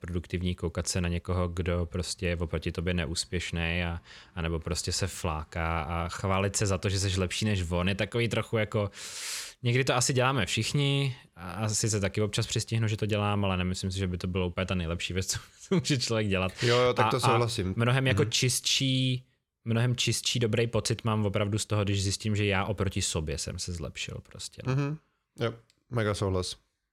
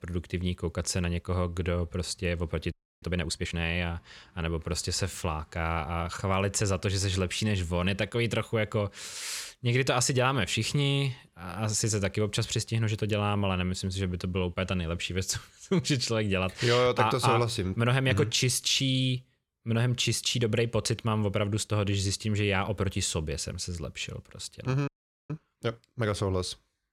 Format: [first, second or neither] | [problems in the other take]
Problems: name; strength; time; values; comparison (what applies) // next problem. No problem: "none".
first | audio freezing; at 2.5 s and at 25 s